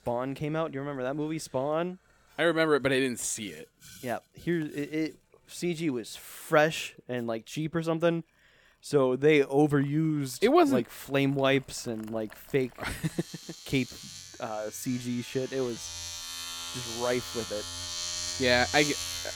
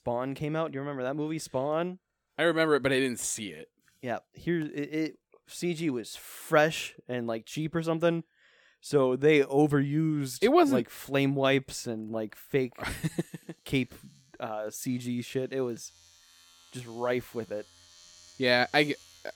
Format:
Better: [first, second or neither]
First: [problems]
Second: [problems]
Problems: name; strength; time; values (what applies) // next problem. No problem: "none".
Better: second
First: household noises; loud; throughout; 8 dB below the speech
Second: household noises; faint; throughout; 25 dB below the speech